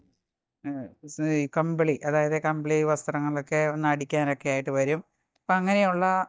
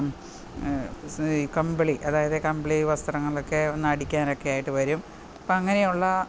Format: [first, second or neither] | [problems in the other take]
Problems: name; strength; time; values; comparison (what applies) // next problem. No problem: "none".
second | noise reduction (neural mask model DeepFilterNet 3)